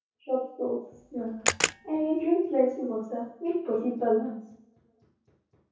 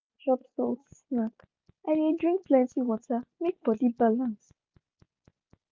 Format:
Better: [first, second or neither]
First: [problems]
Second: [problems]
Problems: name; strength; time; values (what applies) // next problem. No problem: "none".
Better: second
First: background sound (Camera); 2 dB below the speech // room echo; dies away in 0.6 s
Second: none